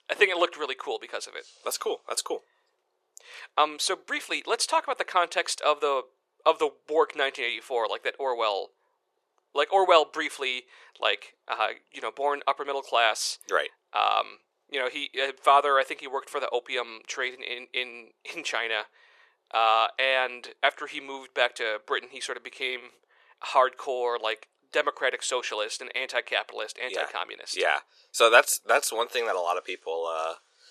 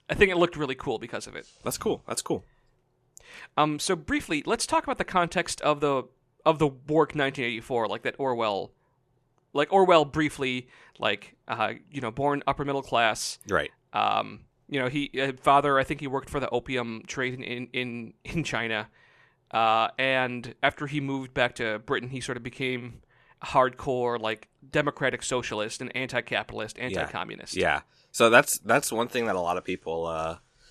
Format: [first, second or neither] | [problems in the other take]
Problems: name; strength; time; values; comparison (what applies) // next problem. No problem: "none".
second | thin; very; fading below 450 Hz